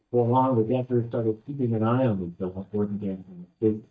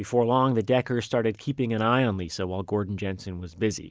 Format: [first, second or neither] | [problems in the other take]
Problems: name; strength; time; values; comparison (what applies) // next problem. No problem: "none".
second | noise reduction (neural mask model DeepFilterNet 3)